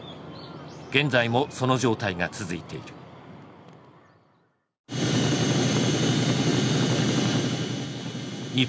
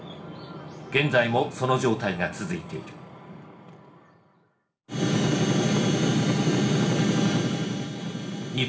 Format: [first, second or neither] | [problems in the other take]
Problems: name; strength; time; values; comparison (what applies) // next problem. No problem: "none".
first | room echo; dies away in 0.8 s